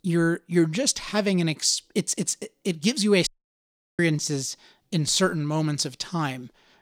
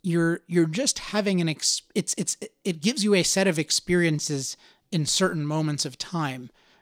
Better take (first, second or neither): second